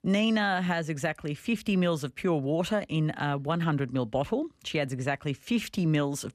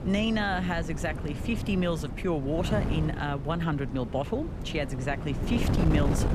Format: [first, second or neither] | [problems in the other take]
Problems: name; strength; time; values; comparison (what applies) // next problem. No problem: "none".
first | wind noise on the microphone; heavy; 8 dB below the speech